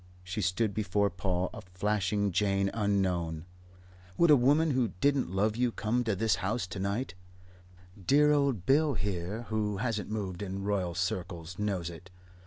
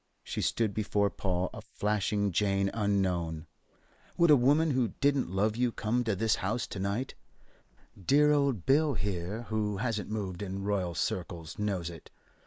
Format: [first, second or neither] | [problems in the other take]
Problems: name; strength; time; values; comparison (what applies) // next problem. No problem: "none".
first | noise reduction (neural mask model Resemble Enhance denoiser)